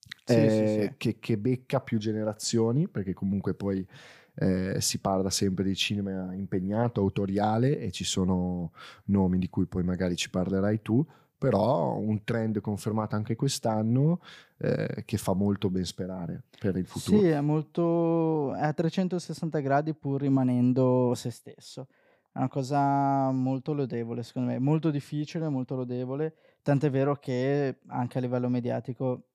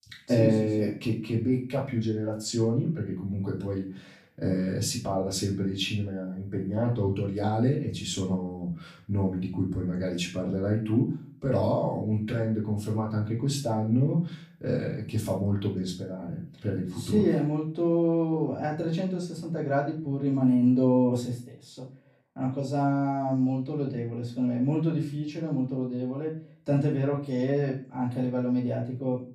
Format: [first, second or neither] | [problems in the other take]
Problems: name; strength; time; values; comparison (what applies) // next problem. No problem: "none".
first | off-mic speech; far // room echo; slight; dies away in 0.4 s